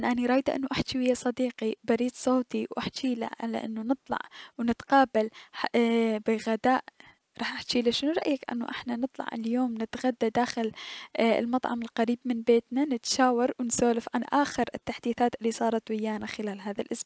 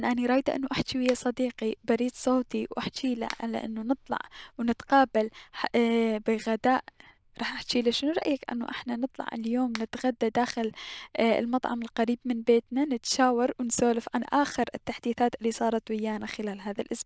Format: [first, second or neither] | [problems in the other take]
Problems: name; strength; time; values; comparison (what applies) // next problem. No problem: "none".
first | noise reduction (neural diffusion model UNIVERSE++)